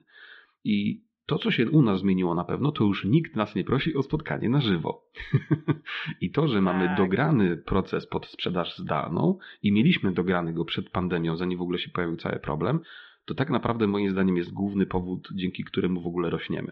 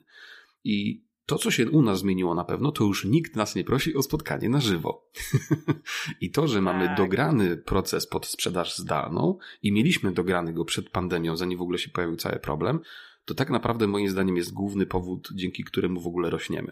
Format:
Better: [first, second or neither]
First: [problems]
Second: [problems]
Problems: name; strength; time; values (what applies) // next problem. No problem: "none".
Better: second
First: muffled; very; fading above 3.5 kHz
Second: none